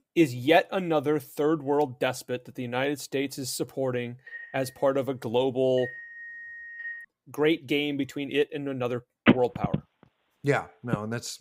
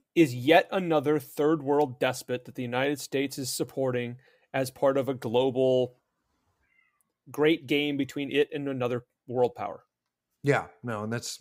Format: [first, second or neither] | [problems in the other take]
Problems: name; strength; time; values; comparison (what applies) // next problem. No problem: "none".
second | phone ringing; noticeable; from 4.5 to 7 s; peak 9 dB below the speech // phone ringing; loud; from 9.5 s on; peak 4 dB above the speech